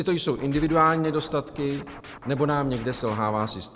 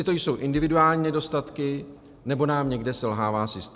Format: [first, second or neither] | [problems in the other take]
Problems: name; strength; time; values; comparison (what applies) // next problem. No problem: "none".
second | background sound (Scratching (performance technique)); 18 dB below the speech